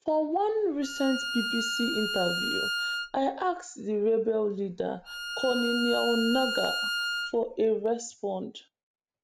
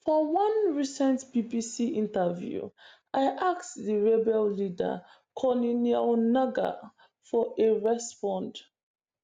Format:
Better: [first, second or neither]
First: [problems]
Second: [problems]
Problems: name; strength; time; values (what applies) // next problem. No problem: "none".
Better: second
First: background sound (Bowed string instrument); 4 dB below the speech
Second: none